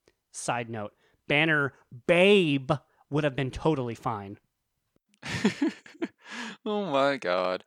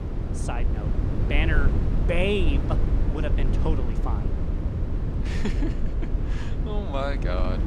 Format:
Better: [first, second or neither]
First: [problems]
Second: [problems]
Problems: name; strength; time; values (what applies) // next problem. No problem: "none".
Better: first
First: none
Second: low rumble; loud; throughout; 6 dB below the speech